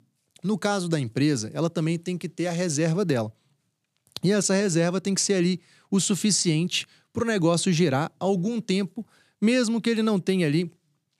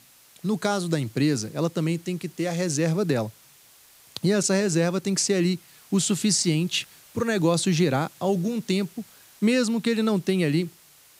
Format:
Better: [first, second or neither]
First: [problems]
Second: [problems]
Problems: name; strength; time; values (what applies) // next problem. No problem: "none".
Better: first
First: none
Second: hiss; faint; throughout; 25 dB below the speech